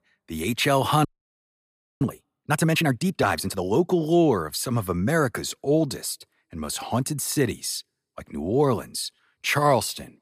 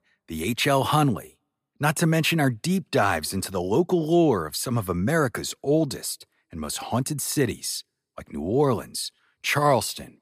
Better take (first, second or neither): second